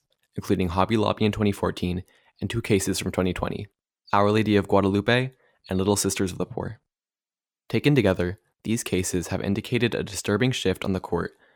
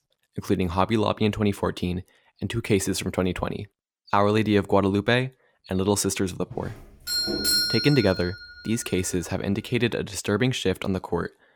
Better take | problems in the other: first | doorbell; loud; from 7 to 8.5 s; peak 4 dB above the speech

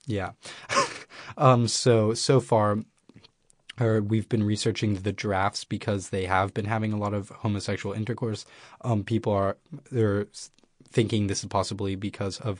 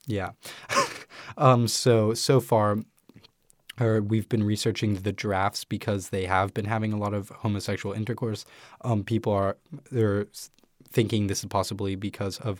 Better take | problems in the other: second | garbled, watery; slightly; nothing above 9 kHz

